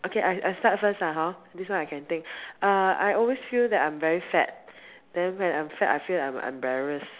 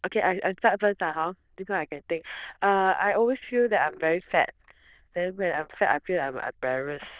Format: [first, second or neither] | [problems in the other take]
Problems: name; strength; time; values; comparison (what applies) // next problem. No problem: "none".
first | noise reduction (neural diffusion model UNIVERSE++)